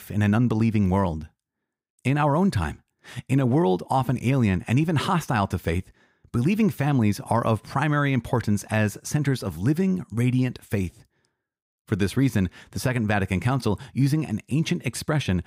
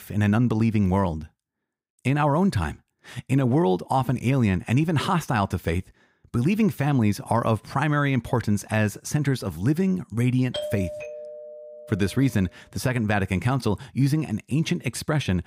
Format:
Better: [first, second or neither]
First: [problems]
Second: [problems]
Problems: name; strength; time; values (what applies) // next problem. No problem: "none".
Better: first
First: none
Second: doorbell; noticeable; from 11 to 12 s; peak 7 dB below the speech